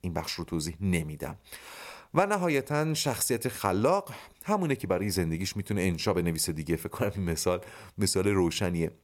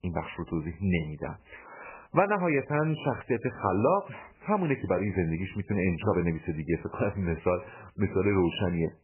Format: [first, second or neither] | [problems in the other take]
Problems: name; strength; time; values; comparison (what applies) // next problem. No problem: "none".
first | garbled, watery; badly; nothing above 3 kHz